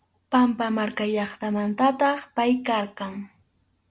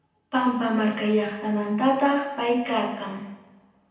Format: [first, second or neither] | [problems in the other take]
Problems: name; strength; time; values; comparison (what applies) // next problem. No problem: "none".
first | room echo; dies away in 0.9 s